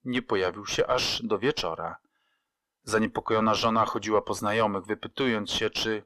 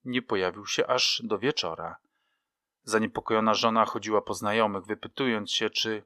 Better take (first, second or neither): second